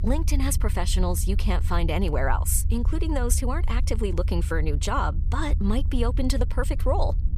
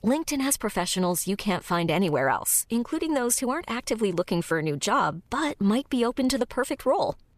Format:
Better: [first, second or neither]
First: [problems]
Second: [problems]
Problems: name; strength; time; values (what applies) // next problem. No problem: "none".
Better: second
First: low rumble; noticeable; throughout; 15 dB below the speech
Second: none